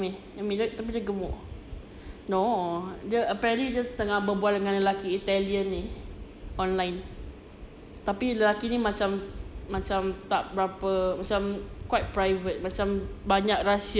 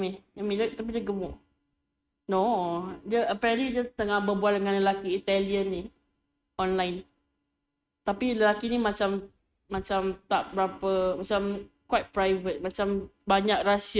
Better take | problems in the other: first | noise reduction (neural mask model RNNoise)

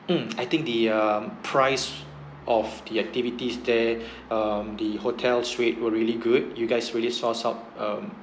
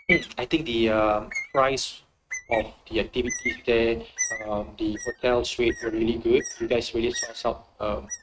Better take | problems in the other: first | noise reduction (neural mask model RNNoise)

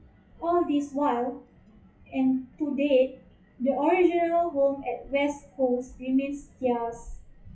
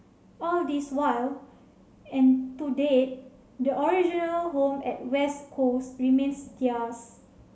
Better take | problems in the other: second | noise reduction (classical method WPE with log-MMSE)

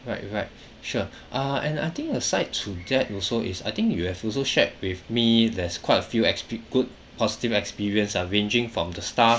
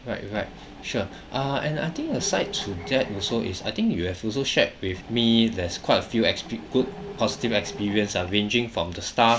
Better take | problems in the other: first | background sound (Mechanisms); 16 dB below the speech

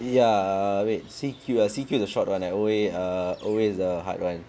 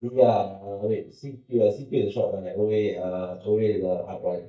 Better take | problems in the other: first | noise reduction (neural mask model DeepFilterNet 3)

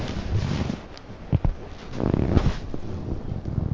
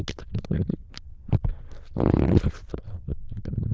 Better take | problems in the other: first | noise reduction (neural diffusion model UNIVERSE++)

